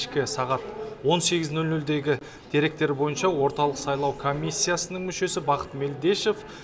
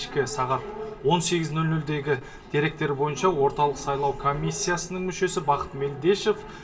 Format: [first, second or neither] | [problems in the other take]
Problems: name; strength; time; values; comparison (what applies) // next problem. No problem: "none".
first | room echo; dies away in 0.2 s